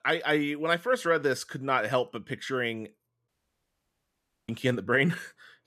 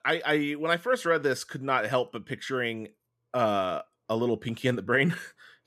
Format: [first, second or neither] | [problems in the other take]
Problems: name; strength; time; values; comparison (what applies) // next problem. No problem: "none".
second | audio cutting out; at 3.5 s for 1 s